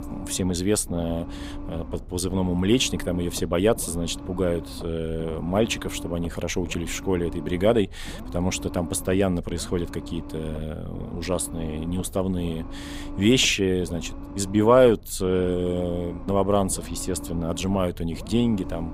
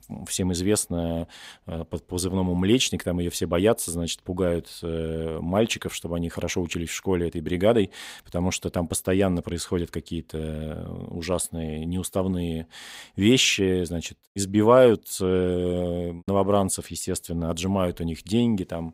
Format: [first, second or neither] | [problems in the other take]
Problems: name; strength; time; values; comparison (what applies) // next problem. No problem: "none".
second | low rumble; noticeable; throughout; 15 dB below the speech